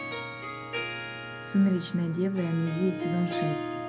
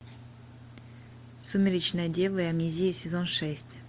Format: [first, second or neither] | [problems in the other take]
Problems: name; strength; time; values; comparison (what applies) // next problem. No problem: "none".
second | background sound (Harp); 6 dB below the speech // room echo; dies away in 0.2 s